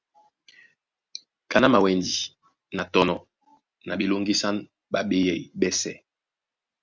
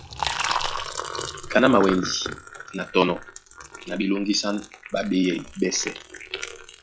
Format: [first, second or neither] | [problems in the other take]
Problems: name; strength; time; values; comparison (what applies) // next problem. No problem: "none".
first | noise reduction (classical method log-MMSE)